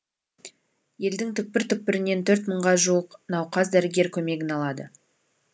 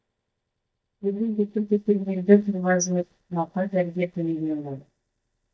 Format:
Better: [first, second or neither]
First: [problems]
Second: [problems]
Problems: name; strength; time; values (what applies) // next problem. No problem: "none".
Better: first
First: none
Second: noise reduction (neural mask model DeepFilterNet 3)